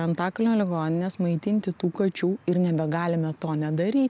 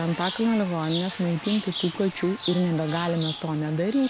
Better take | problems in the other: first | background sound (Chirp, tweet); 11 dB below the speech

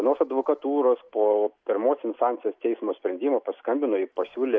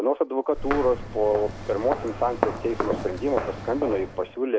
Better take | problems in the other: first | background sound (Walk, footsteps); 6 dB below the speech

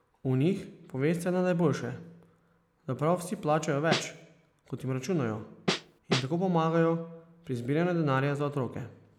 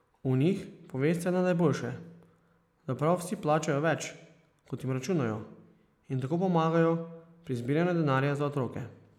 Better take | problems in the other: second | background sound (Snare drum); 1 dB below the speech

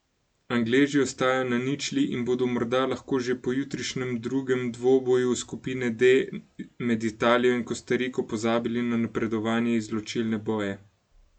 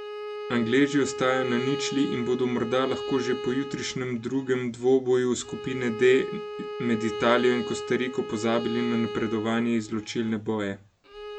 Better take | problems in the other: first | background sound (Bowed string instrument); 9 dB below the speech

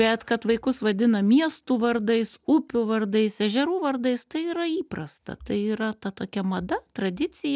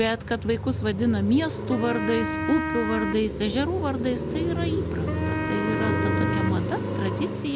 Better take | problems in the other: first | background sound (Car passing by + Wind instrument, woodwind instrument); as loud as the speech

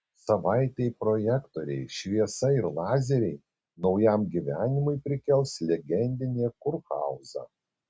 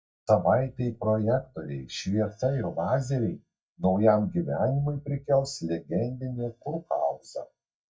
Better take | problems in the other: first | noise reduction (neural mask model DeepFilterNet 3)

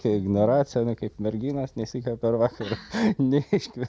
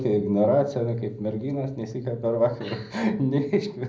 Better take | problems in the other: first | room echo; dies away in 0.4 s

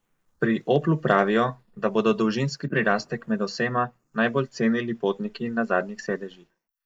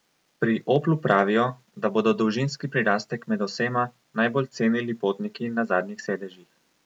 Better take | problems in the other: second | noise reduction (neural mask model Resemble Enhance denoiser)

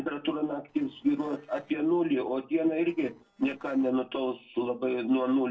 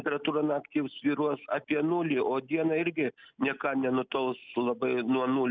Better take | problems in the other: second | noise reduction (neural separator model SepFormer DNS4)

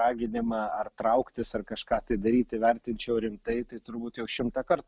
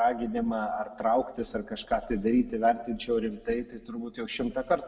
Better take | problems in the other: first | room echo; dies away in 1.2 s

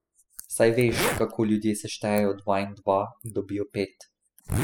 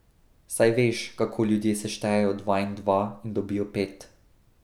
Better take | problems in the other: second | noise reduction (classical method spectral subtraction)

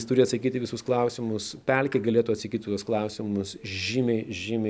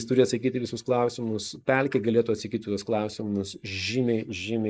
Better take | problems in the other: first | noise reduction (neural mask model Resemble Enhance denoiser)

